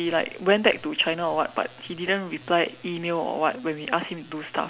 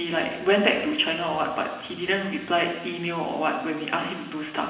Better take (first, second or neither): first